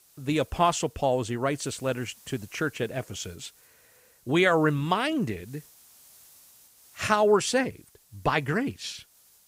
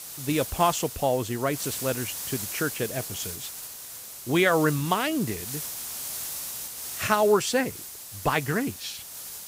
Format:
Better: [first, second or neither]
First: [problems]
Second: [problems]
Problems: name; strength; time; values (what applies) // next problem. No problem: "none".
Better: first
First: hiss; faint; throughout; 25 dB below the speech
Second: hiss; loud; throughout; 7 dB below the speech